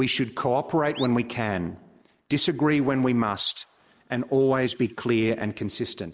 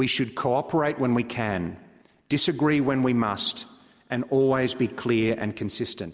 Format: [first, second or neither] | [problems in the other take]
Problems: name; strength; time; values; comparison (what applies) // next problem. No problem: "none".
second | noise reduction (neural mask model Resemble Enhance denoiser)